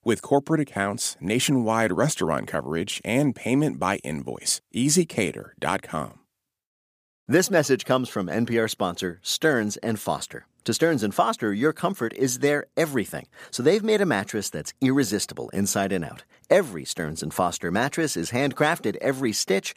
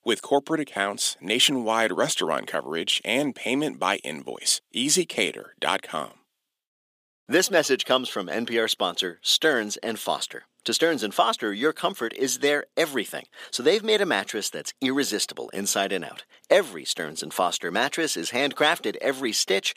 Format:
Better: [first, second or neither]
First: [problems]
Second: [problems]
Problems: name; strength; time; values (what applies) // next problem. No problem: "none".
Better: first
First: none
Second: thin; very slightly; fading below 300 Hz